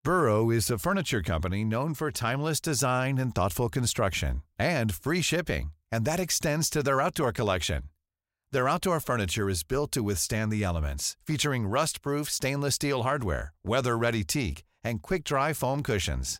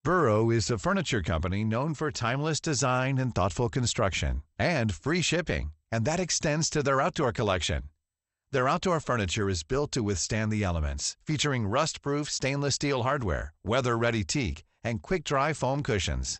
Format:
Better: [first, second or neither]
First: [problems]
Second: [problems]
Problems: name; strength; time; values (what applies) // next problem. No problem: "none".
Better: first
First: none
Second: garbled, watery; slightly; nothing above 8 kHz